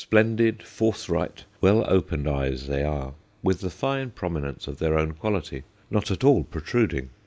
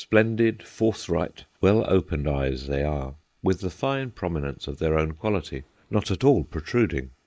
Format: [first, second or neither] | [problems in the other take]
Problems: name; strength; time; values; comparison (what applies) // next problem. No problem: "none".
first | noise reduction (neural mask model Resemble Enhance denoiser)